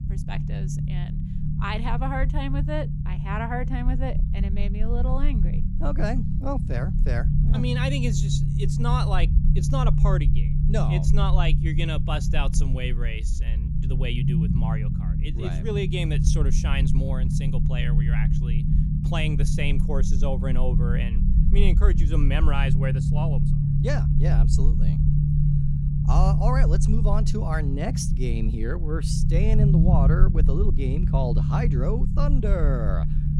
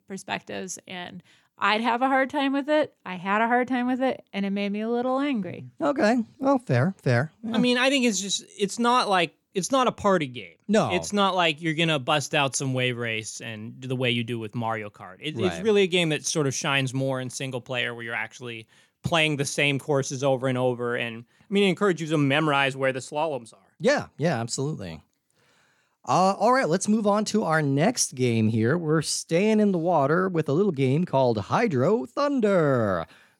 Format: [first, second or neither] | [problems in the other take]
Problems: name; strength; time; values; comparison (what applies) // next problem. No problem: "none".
second | low rumble; loud; throughout; 4 dB below the speech